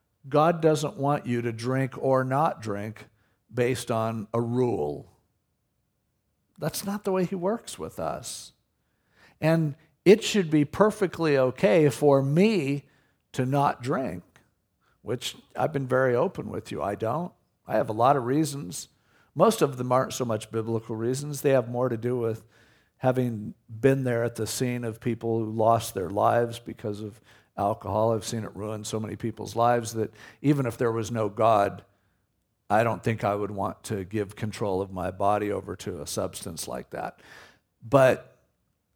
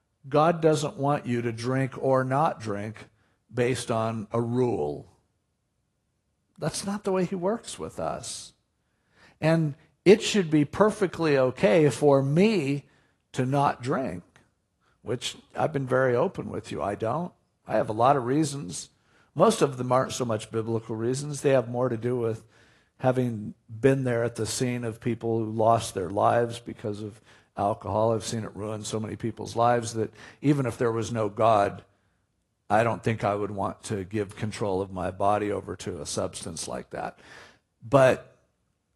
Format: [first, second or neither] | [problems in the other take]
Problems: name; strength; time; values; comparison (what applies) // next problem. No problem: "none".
first | garbled, watery; slightly; nothing above 11 kHz